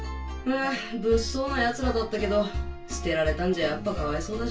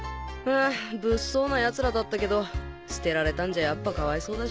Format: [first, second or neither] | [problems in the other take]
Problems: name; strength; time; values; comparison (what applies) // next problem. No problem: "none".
second | room echo; dies away in 0.2 s